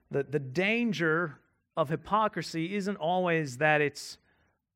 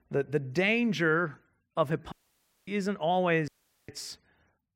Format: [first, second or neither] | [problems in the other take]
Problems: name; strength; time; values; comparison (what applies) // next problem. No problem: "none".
first | audio cutting out; at 2 s for 0.5 s and at 3.5 s